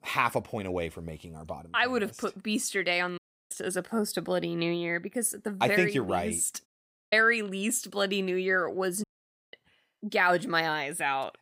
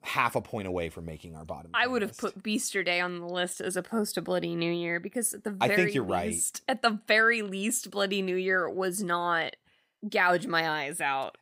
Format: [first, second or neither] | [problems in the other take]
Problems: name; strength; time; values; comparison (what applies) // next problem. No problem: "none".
second | audio cutting out; at 3 s, at 6.5 s and at 9 s